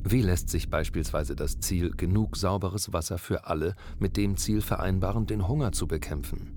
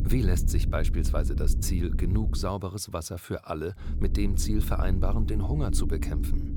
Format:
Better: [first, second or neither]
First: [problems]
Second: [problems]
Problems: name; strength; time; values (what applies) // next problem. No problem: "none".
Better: first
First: low rumble; faint; until 2.5 s and from 4 s on; 20 dB below the speech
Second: low rumble; loud; until 2.5 s and from 4 s on; 9 dB below the speech